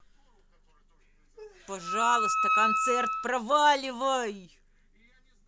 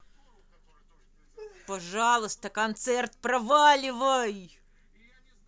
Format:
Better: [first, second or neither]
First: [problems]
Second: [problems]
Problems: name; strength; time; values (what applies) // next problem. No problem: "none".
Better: second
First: background sound (Wind instrument, woodwind instrument); 1 dB above the speech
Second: none